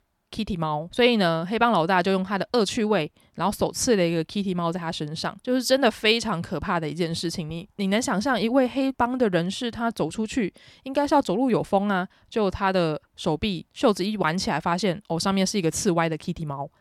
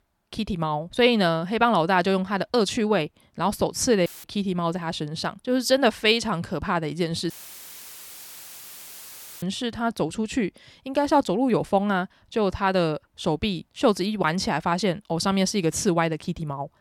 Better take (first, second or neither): first